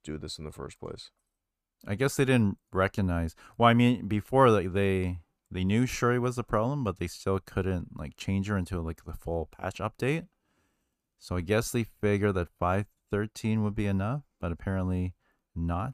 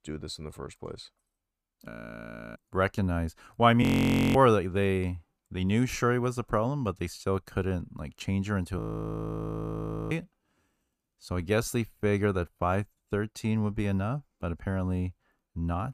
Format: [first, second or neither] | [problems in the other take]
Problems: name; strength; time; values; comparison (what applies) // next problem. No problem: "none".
first | audio freezing; at 2 s for 0.5 s, at 4 s for 0.5 s and at 9 s for 1.5 s